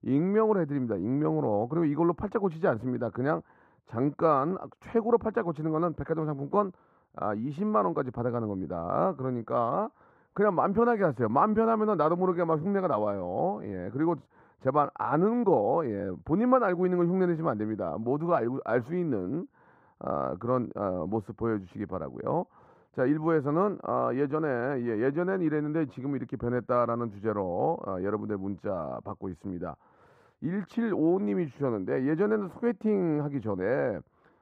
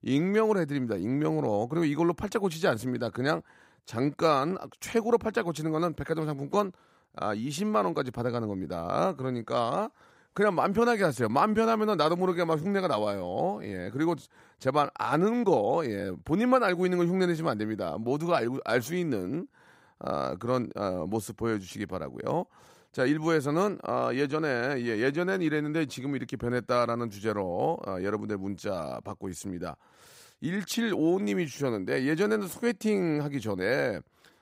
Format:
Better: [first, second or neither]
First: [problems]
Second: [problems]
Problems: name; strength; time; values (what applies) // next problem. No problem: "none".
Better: second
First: muffled; very; fading above 2.5 kHz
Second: none